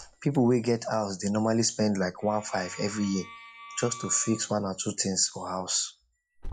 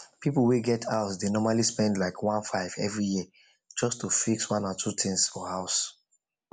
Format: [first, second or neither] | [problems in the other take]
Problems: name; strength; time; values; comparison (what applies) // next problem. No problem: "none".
second | noise reduction (classical method log-MMSE)